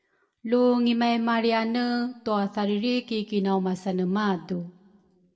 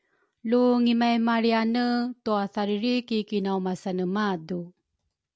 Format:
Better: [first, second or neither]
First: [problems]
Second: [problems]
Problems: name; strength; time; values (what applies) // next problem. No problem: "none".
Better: second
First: room echo; dies away in 0.8 s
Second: none